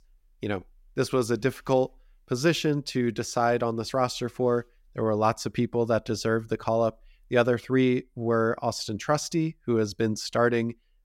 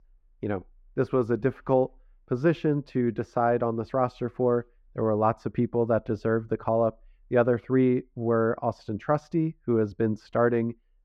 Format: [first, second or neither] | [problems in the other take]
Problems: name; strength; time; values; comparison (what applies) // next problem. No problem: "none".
first | muffled; very; fading above 3 kHz